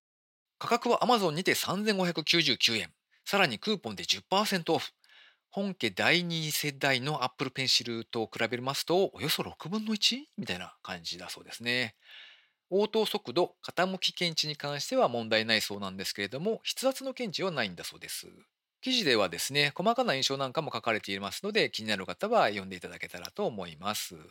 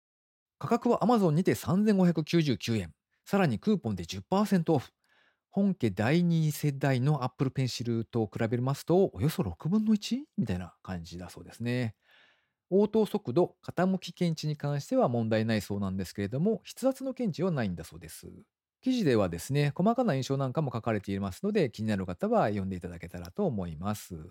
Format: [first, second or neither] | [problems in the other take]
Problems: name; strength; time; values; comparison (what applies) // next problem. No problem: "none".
second | thin; somewhat; fading below 950 Hz